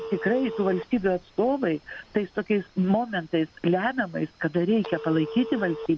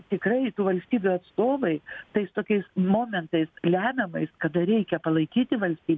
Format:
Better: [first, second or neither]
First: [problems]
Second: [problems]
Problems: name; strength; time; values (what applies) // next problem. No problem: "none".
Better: second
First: background sound (Telephone); 14 dB below the speech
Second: none